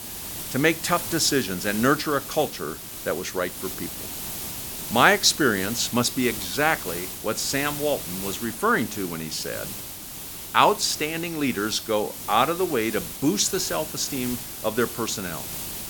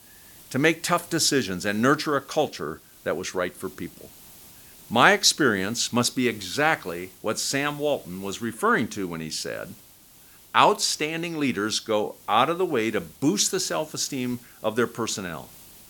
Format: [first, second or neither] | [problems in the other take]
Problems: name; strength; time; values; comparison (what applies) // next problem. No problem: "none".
second | hiss; loud; throughout; 8 dB below the speech; faint in the second